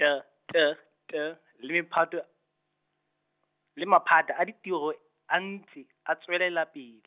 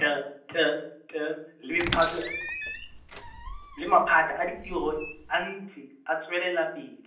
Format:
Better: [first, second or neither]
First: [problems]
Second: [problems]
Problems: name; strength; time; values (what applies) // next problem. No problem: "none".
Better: first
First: none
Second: background sound (Squeak); 9 dB below the speech // room echo; dies away in 0.6 s